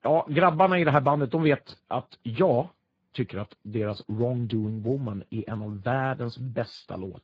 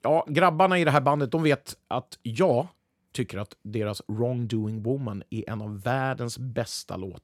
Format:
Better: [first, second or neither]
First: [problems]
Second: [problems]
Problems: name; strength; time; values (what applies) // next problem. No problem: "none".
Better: second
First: garbled, watery; badly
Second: none